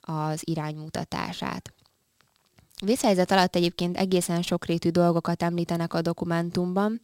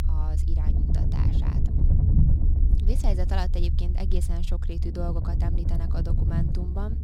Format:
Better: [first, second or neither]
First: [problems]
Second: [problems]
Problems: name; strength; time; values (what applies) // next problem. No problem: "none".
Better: first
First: none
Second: low rumble; loud; throughout; 1 dB below the speech